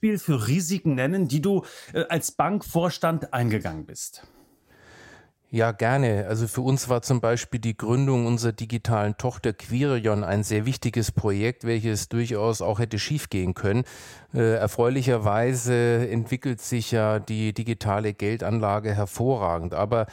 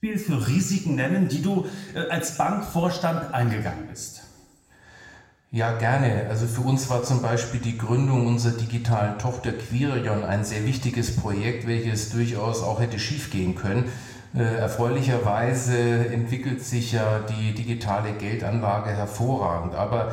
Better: first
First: none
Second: room echo; slight; dies away in 1 s

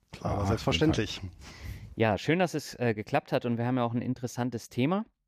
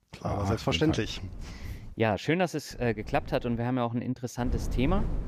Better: first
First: none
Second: wind noise on the microphone; occasional gusts; at 1 s, at 2.5 s and at 4.5 s; 20 dB below the speech

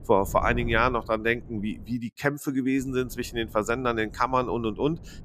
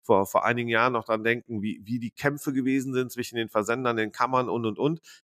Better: second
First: wind noise on the microphone; occasional gusts; until 2 s and from 3 s on; 25 dB below the speech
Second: none

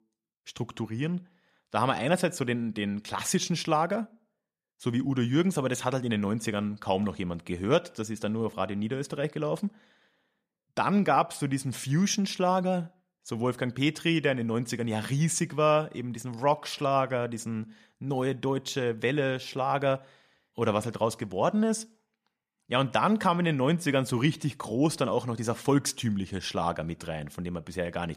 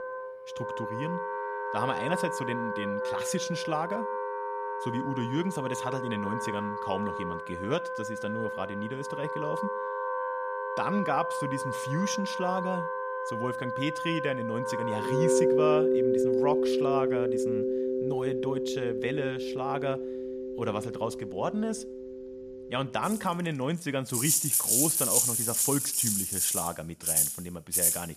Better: first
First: none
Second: background music; very loud; throughout; 4 dB above the speech

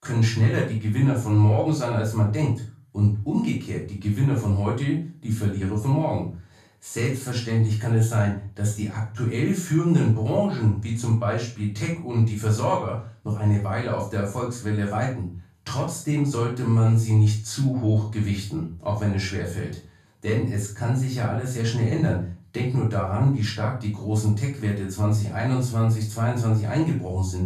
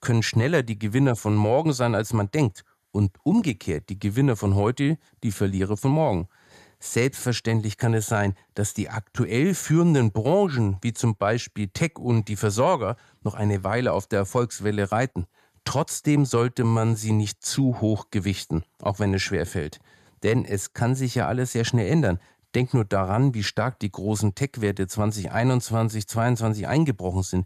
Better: second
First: off-mic speech; far // room echo; noticeable; dies away in 0.3 s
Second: none

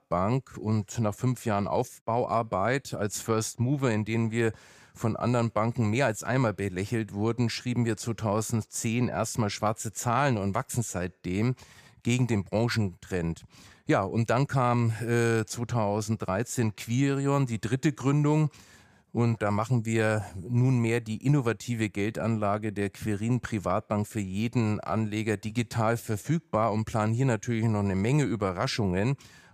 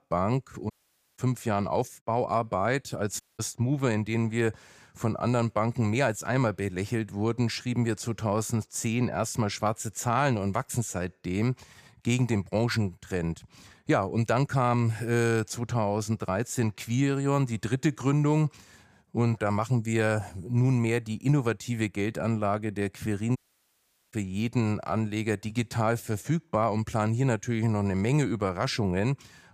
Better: first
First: none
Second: audio cutting out; at 0.5 s, at 3 s and at 23 s for 1 s

